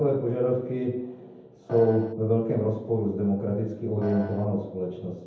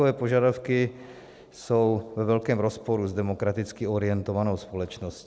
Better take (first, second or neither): second